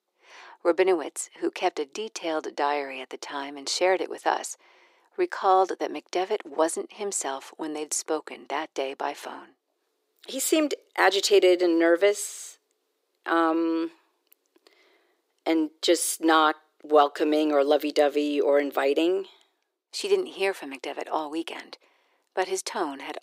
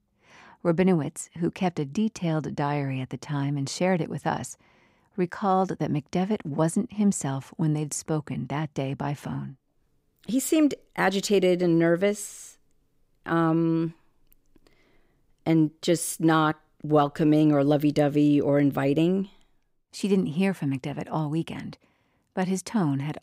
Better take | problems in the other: second | thin; very; fading below 350 Hz

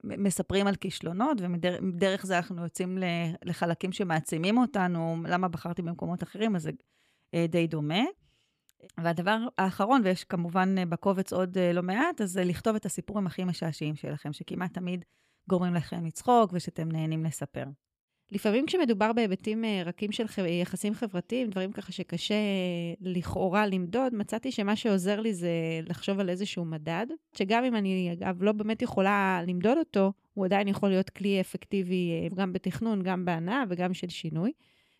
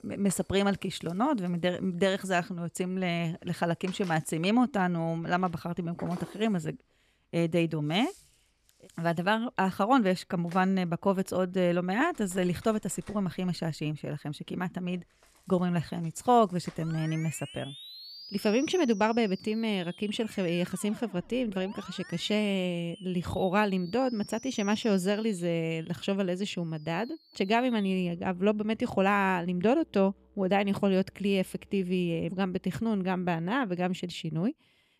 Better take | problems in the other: first | background music; noticeable; throughout; 20 dB below the speech

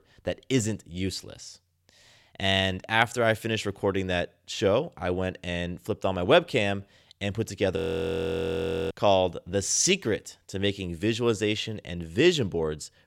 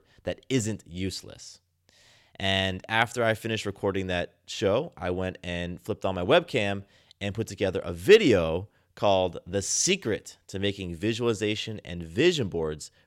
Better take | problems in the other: second | audio freezing; at 8 s for 1 s

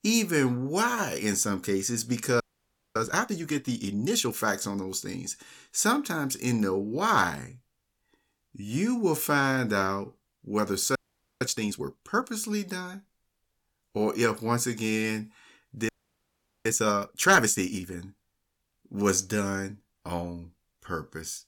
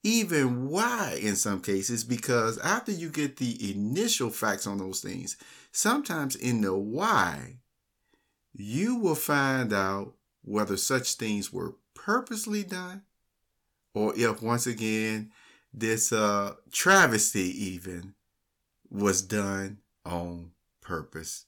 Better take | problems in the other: second | audio freezing; at 2.5 s for 0.5 s, at 11 s and at 16 s for 1 s

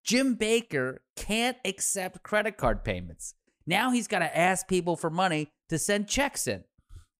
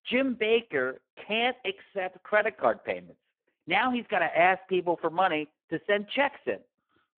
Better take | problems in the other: first | phone-call audio; poor line

